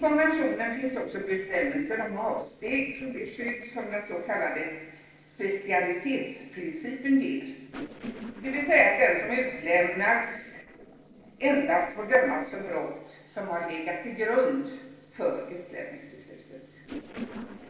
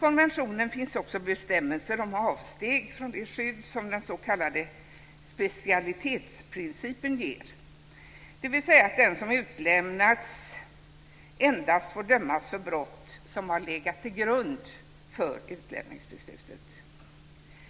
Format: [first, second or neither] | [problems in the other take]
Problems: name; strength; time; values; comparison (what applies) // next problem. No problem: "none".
second | noise reduction (neural separator model SepFormer DNS4)